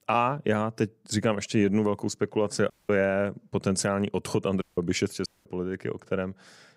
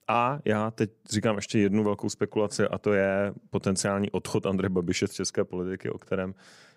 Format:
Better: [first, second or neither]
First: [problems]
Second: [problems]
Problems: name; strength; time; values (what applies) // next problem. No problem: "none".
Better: second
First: audio cutting out; at 2.5 s, at 4.5 s and at 5.5 s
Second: none